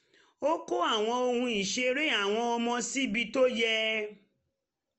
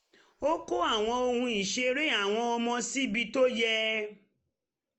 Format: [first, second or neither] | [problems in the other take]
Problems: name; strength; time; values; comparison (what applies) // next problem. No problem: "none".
first | noise reduction (neural mask model Resemble Enhance denoiser)